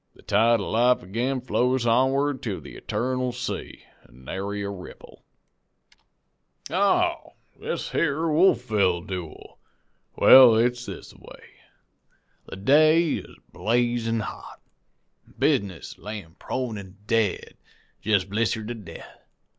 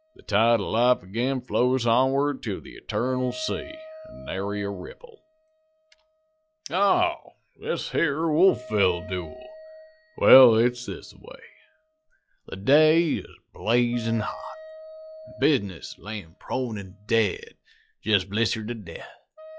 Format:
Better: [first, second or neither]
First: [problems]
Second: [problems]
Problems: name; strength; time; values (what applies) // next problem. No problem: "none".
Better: first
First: none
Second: noise reduction (classical method log-MMSE)